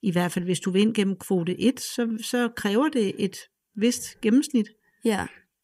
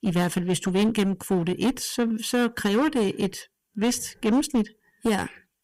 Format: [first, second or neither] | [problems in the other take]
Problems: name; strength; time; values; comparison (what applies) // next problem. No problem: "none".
first | distortion; slight; 12% of the sound clipped